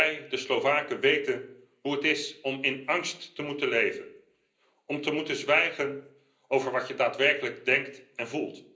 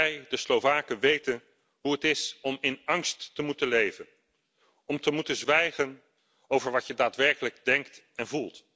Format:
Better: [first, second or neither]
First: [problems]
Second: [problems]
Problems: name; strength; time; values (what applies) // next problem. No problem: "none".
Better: second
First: room echo; dies away in 0.5 s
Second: none